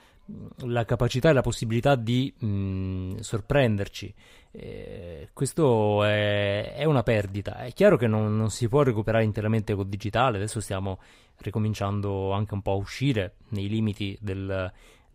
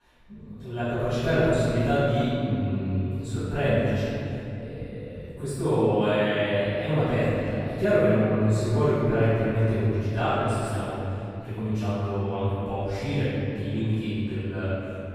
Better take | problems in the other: first | off-mic speech; far // room echo; strong; dies away in 3 s

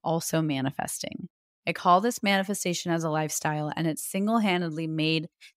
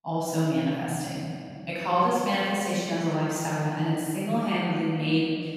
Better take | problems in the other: first | off-mic speech; far // room echo; strong; dies away in 2.5 s

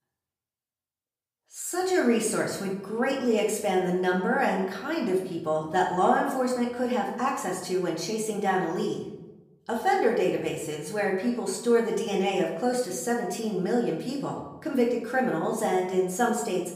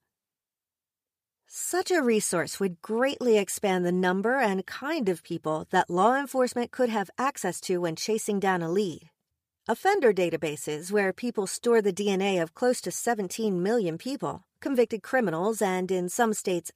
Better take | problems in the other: second | room echo; noticeable; dies away in 0.8 s // off-mic speech; far

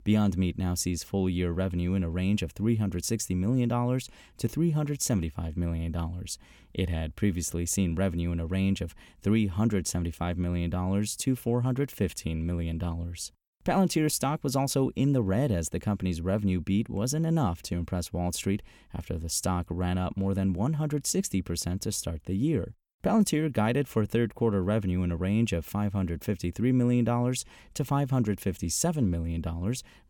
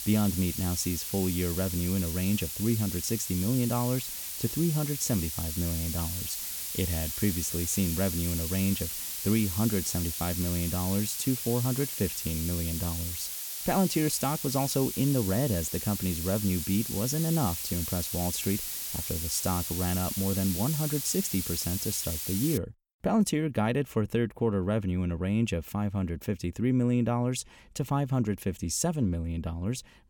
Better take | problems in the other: first | hiss; loud; until 23 s; 3 dB below the speech

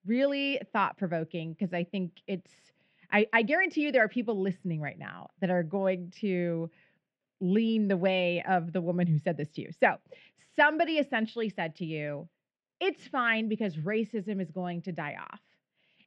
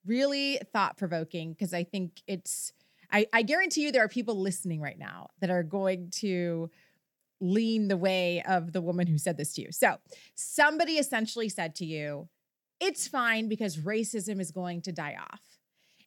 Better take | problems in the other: second | muffled; very; fading above 3 kHz

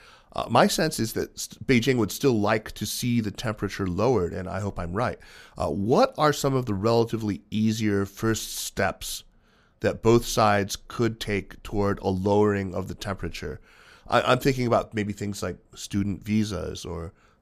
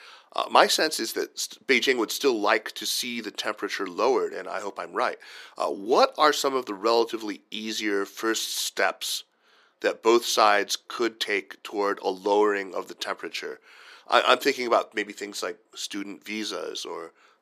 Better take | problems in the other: first | thin; somewhat; fading below 350 Hz

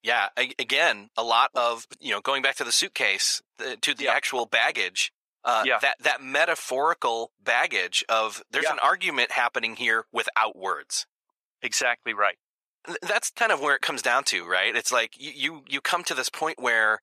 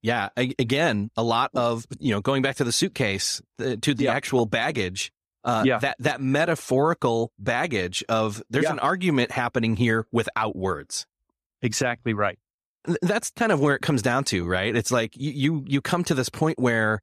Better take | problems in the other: second | thin; very; fading below 800 Hz

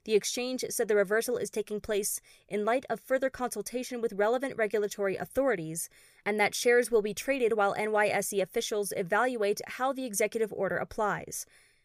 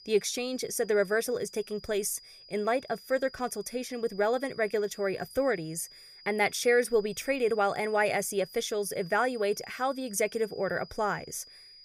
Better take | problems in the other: first | high-pitched whine; noticeable; throughout; 5 kHz, 20 dB below the speech

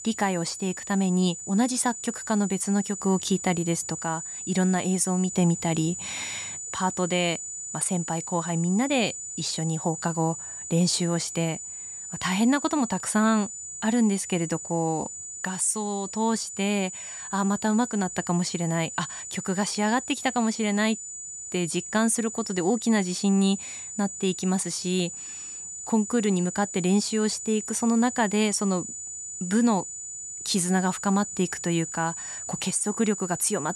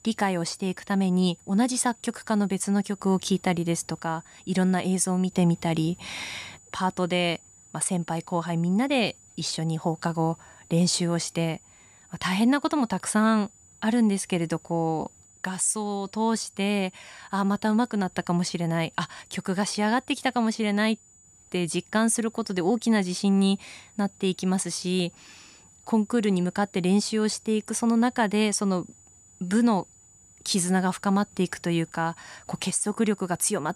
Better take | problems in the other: second | high-pitched whine; loud; throughout; 7 kHz, 8 dB below the speech; faint in the second

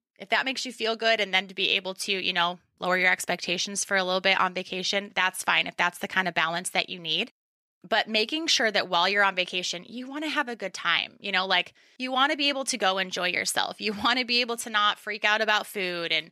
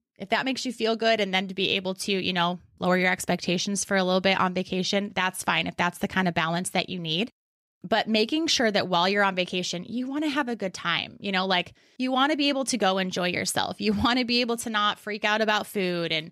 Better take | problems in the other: second | thin; somewhat; fading below 550 Hz

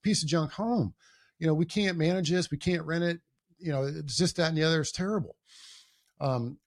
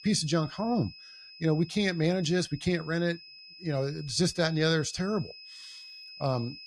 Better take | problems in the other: first | high-pitched whine; noticeable; throughout; 5 kHz, 15 dB below the speech

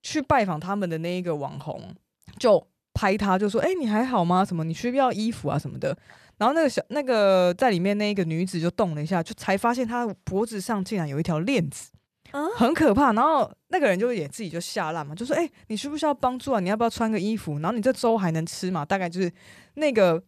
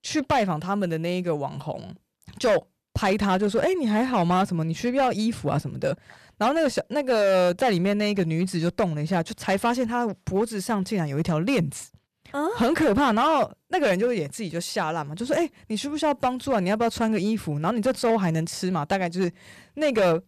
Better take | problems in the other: first | distortion; slight; 7% of the sound clipped

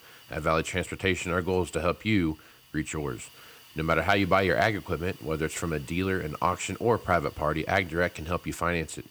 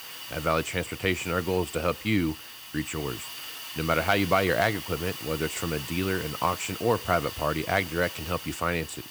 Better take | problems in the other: first | hiss; loud; throughout; 9 dB below the speech; faint in the first

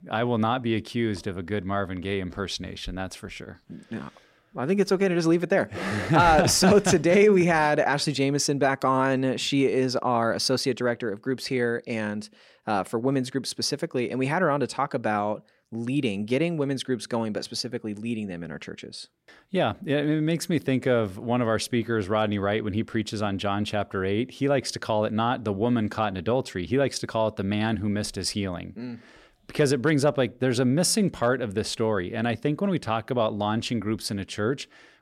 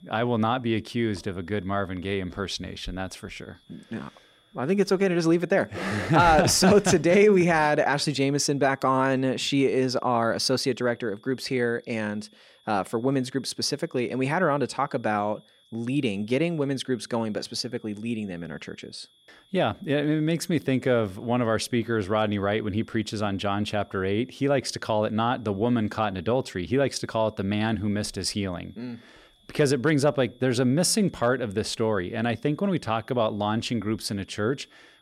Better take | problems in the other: first | high-pitched whine; faint; throughout; 3.5 kHz, 35 dB below the speech

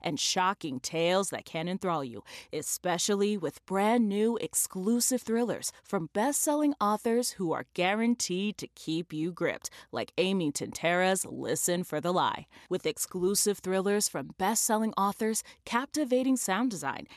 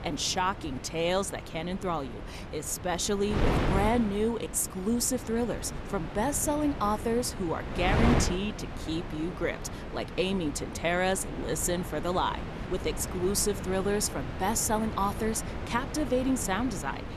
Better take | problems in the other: first | wind noise on the microphone; heavy; 8 dB below the speech

